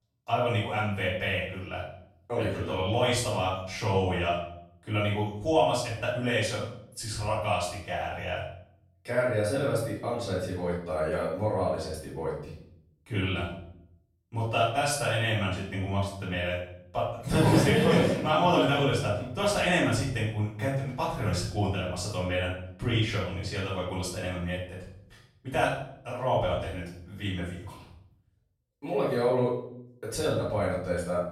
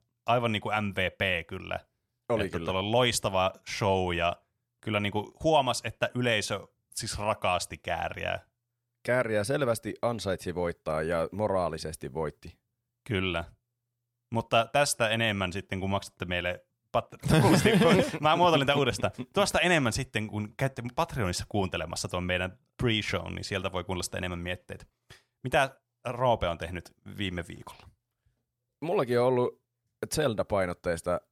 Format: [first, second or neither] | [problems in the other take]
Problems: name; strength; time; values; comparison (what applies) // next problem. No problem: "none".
second | room echo; noticeable; dies away in 0.6 s // off-mic speech; far